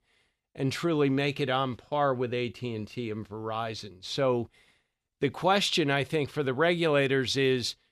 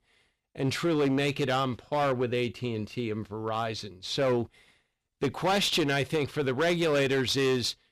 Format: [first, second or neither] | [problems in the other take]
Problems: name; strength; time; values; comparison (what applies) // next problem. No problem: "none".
first | distortion; slight; 10% of the sound clipped